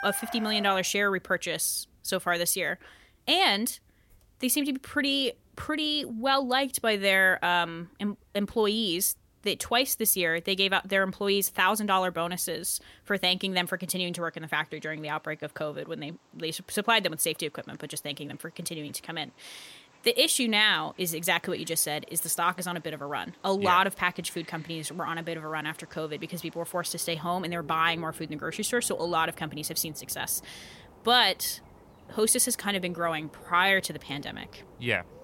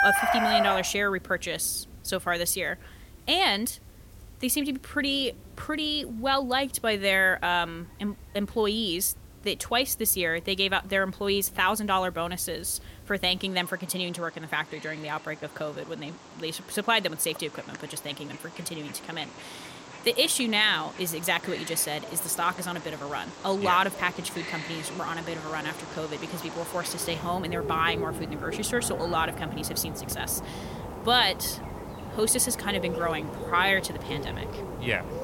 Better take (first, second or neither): first